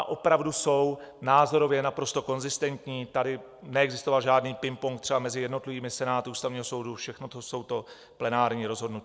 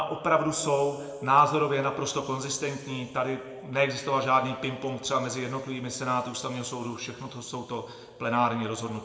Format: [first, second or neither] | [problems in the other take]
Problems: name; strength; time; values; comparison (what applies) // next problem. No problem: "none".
first | room echo; dies away in 1.5 s